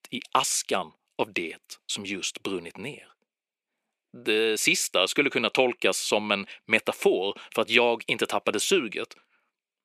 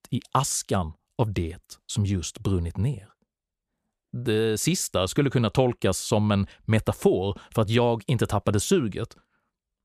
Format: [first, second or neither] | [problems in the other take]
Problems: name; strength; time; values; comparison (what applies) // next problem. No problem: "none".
second | thin; somewhat; fading below 300 Hz